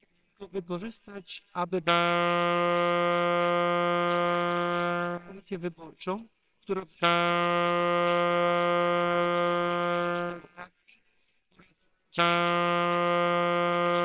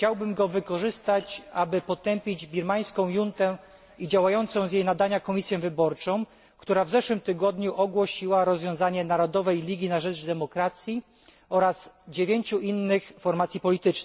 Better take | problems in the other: second | noise reduction (neural separator model SepFormer WHAMR!)

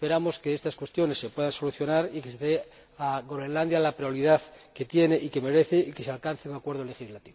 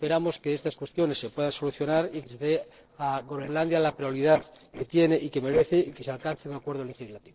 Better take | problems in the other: first | noise reduction (neural separator model SepFormer DNS4)

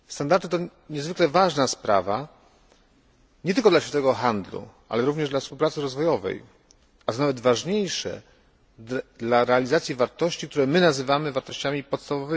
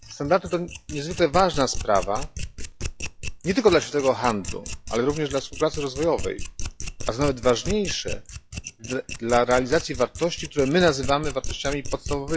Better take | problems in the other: first | noise reduction (classical method log-MMSE)

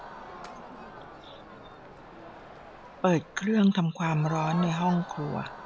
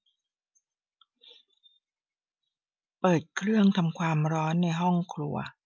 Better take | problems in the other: second | background sound (Crowd); 13 dB below the speech

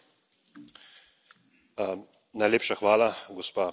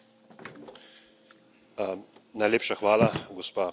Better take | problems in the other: first | background sound (Slam); 9 dB below the speech

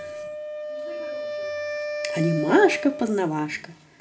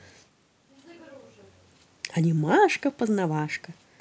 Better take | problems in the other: second | background sound (Wind instrument, woodwind instrument); 6 dB below the speech // room echo; dies away in 0.4 s

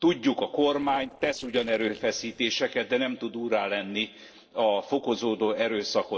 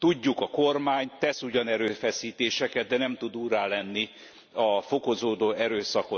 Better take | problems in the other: second | noise reduction (neural separator model SepFormer DNS4)

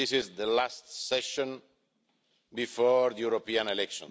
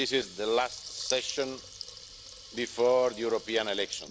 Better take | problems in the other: first | background sound (Water tap, faucet / Liquid); 13 dB below the speech

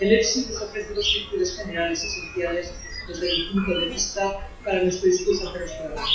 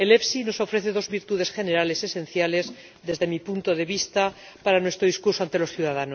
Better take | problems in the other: second | noise reduction (classical method WPE with log-MMSE)

